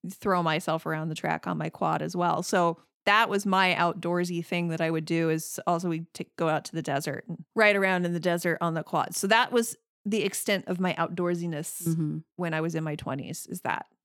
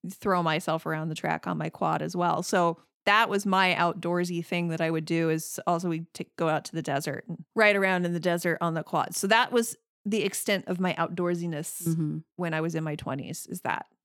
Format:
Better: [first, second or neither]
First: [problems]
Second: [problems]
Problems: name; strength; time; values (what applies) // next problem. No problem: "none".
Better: neither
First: none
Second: none